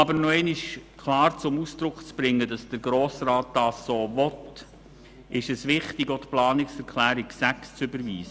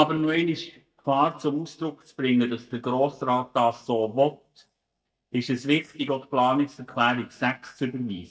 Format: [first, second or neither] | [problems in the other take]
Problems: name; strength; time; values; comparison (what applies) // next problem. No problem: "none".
first | noise reduction (neural mask model DeepFilterNet 3)